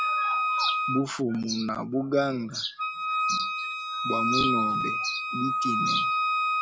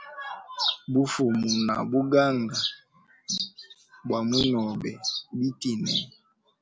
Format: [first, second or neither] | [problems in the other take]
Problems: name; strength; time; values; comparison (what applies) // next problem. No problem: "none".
second | background sound (Wind instrument, woodwind instrument); 3 dB above the speech